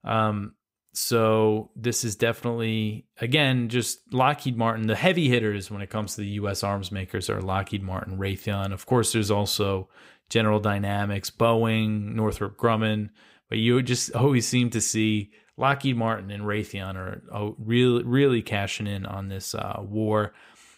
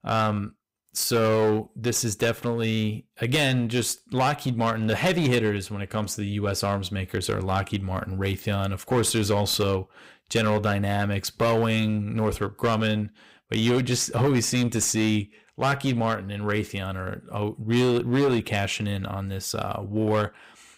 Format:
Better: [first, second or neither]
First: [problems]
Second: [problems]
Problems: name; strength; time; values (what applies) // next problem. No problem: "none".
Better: first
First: none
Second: distortion; slight; 10% of the sound clipped